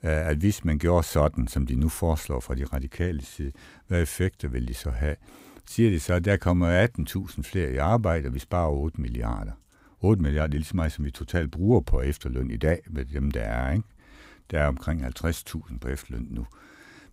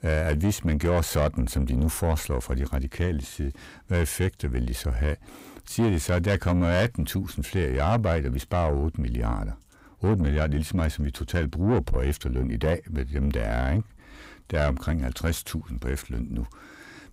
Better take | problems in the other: first | distortion; slight; 10 dB below the speech

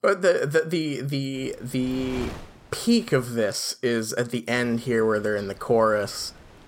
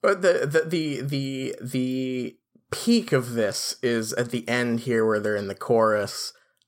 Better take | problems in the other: second | wind noise on the microphone; occasional gusts; from 1.5 to 3.5 s and from 4.5 s on; 20 dB below the speech

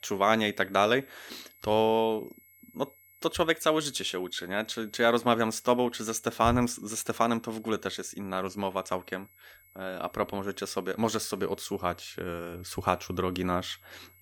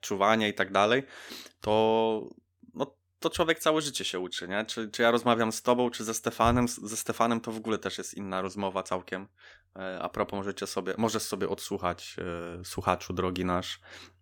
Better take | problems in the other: second | high-pitched whine; faint; throughout; 2 kHz, 25 dB below the speech

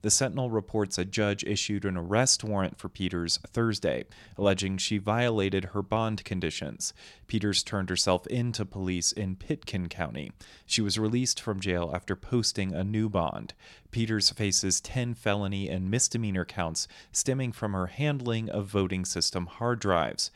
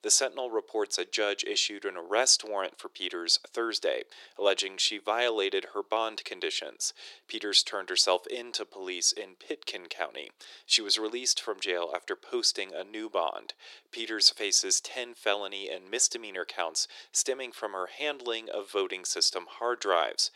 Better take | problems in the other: first | thin; very; fading below 350 Hz

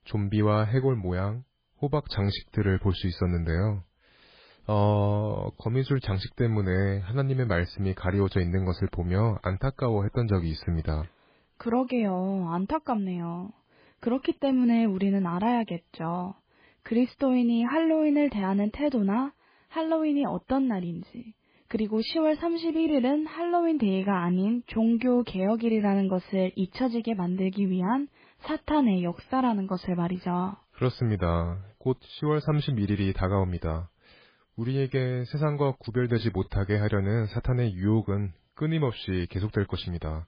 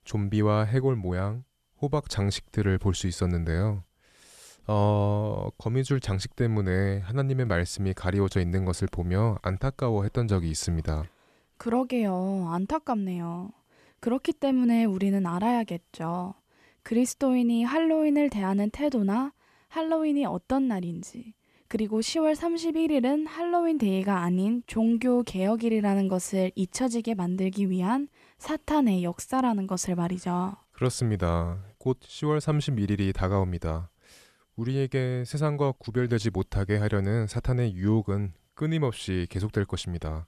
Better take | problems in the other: second | garbled, watery; badly; nothing above 4.5 kHz

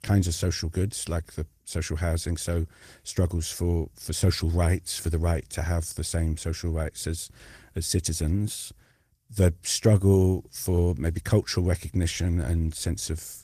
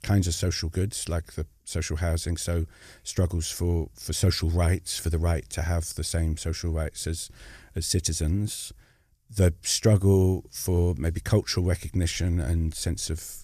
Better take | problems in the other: second | garbled, watery; slightly; nothing above 14.5 kHz

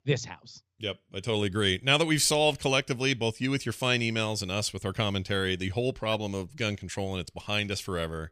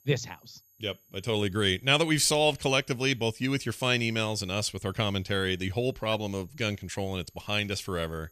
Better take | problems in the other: first | high-pitched whine; faint; throughout; 12 kHz, 30 dB below the speech

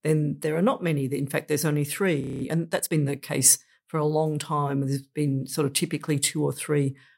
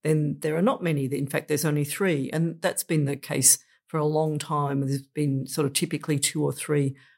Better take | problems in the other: second | audio freezing; at 2 s

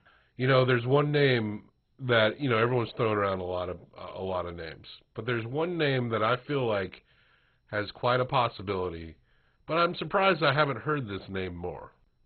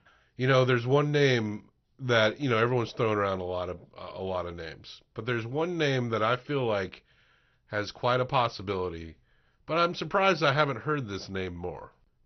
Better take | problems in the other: second | garbled, watery; badly; nothing above 4 kHz; slightly in the second

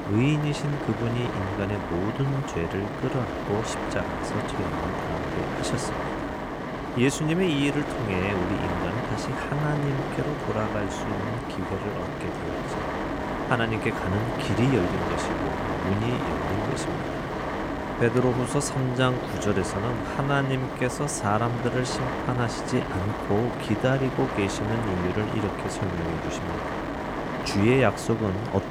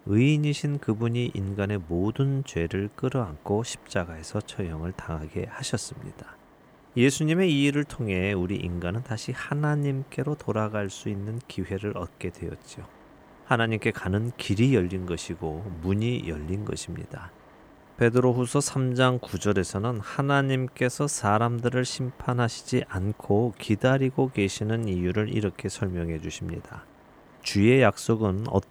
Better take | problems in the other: second | wind noise on the microphone; heavy; as loud as the speech; occasional gusts in the second

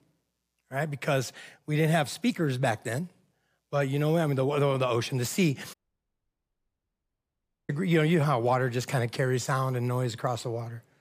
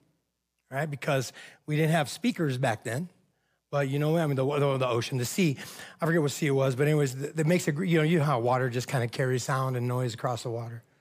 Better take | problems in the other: second | audio cutting out; at 5.5 s for 2 s

